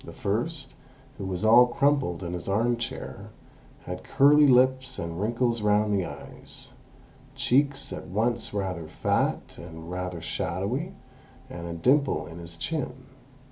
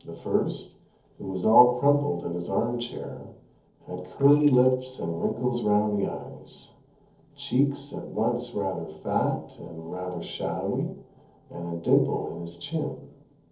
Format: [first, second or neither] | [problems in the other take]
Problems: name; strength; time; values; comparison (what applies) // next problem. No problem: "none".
first | noise reduction (neural separator model SepFormer DNS4)